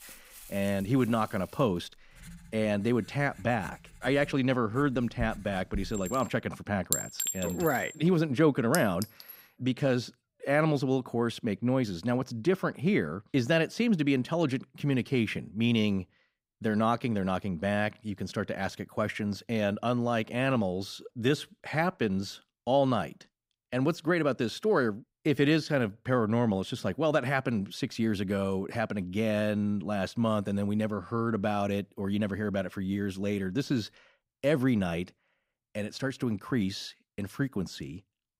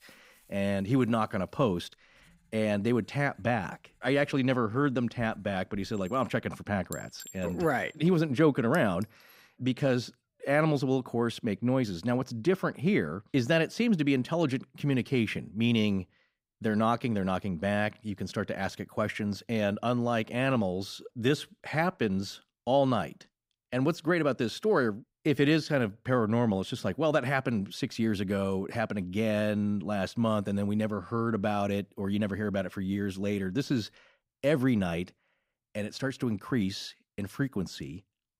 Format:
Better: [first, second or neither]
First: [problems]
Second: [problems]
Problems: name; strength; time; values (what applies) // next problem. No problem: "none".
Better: second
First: household noises; loud; until 9.5 s; 8 dB below the speech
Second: household noises; faint; until 9.5 s; 25 dB below the speech